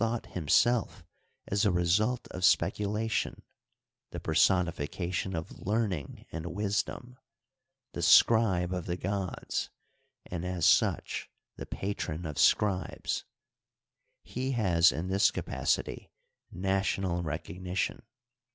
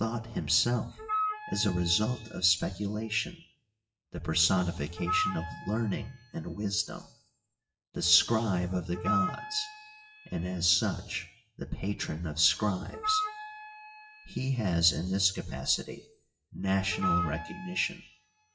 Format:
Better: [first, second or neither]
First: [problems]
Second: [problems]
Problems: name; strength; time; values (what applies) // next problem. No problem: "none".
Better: first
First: none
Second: noise reduction (classical method WPE with log-MMSE)